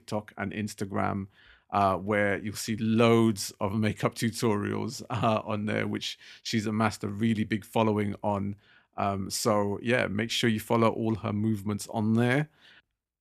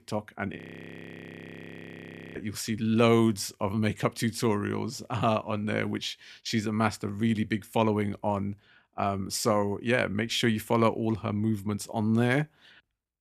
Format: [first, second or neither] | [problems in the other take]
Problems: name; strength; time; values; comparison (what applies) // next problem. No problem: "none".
first | audio freezing; at 0.5 s for 2 s